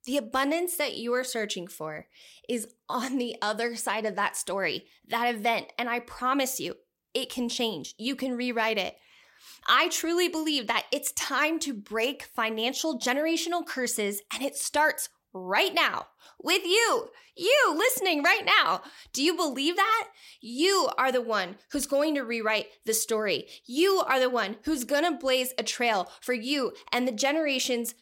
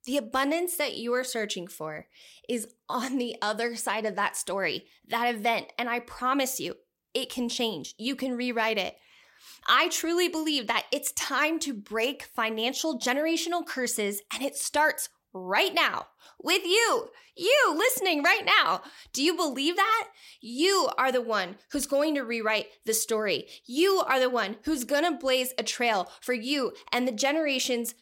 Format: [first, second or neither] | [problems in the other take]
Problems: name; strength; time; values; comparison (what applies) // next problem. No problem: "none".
neither | none